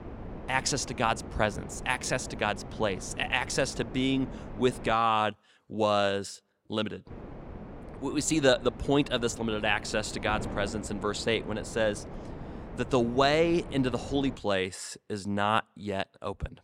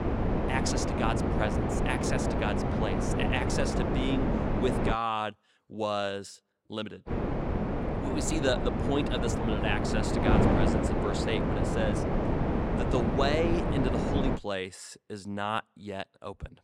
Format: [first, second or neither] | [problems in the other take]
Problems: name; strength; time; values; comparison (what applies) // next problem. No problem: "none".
first | wind noise on the microphone; heavy; until 5 s and from 7 to 14 s; 1 dB above the speech; occasional gusts in the first